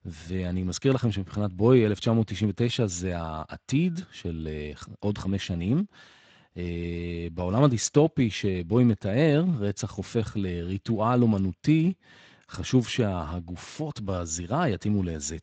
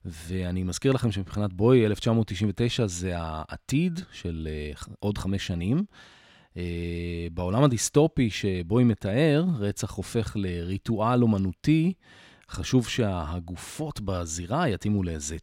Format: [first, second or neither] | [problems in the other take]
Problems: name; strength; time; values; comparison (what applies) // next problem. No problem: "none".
second | garbled, watery; slightly; nothing above 7.5 kHz